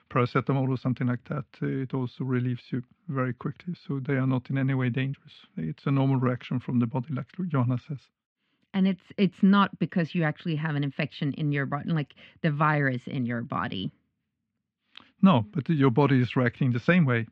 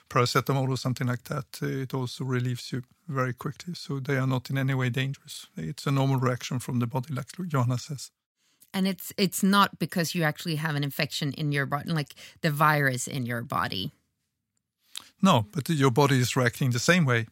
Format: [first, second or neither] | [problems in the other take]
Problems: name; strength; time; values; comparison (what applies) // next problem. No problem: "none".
second | muffled; very; fading above 3 kHz